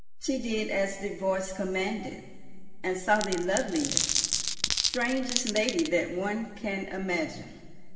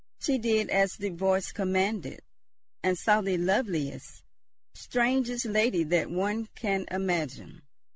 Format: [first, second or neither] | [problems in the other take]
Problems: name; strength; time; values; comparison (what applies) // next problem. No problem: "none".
second | background sound (Glass); 1 dB below the speech // room echo; dies away in 2.3 s